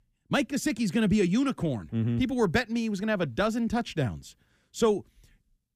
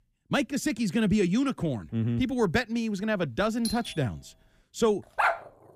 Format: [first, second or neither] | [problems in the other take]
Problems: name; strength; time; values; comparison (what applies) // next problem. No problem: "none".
first | doorbell; noticeable; at 3.5 s; peak 8 dB below the speech // dog barking; loud; at 5 s; peak 1 dB above the speech